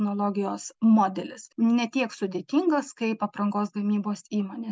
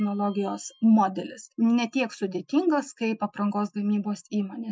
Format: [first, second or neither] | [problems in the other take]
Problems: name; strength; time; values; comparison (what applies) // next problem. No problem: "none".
first | noise reduction (classical method Wiener filter)